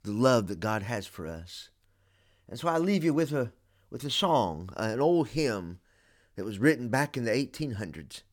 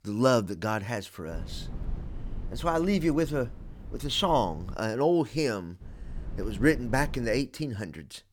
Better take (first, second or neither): first